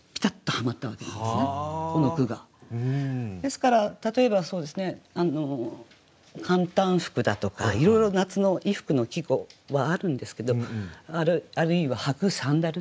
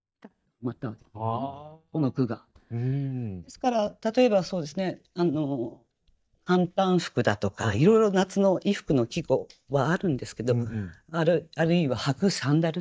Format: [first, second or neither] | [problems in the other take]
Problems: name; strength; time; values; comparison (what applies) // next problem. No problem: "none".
first | noise reduction (neural mask model DeepFilterNet 3)